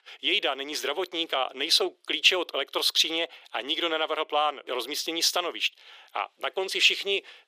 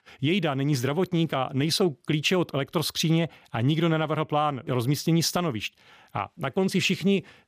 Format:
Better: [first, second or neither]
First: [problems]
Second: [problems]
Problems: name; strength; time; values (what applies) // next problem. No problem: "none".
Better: second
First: thin; very; fading below 400 Hz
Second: none